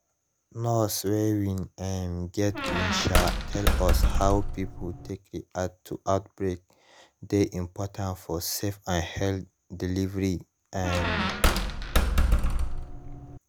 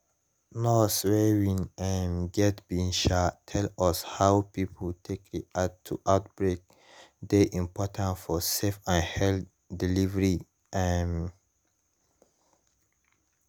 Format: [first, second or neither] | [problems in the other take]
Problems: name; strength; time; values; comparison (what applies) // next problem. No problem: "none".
second | background sound (Squeak); 5 dB above the speech